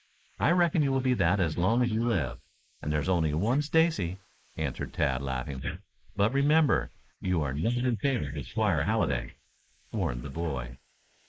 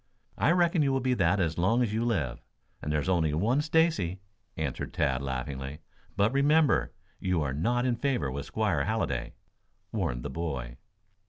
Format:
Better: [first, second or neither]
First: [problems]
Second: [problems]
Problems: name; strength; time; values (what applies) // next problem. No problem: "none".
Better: second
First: noise reduction (neural mask model Resemble Enhance denoiser)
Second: none